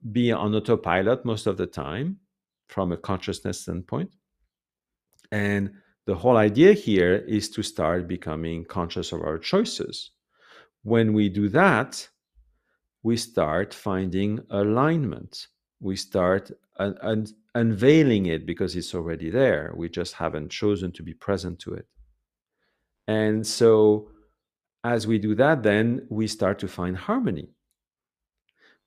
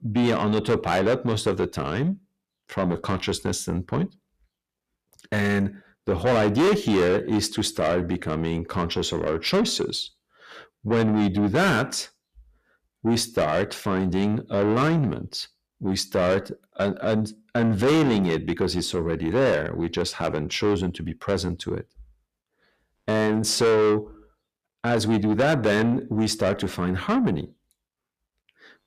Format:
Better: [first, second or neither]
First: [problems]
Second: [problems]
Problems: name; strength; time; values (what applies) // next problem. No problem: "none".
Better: first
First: none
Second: distortion; heavy; 6 dB below the speech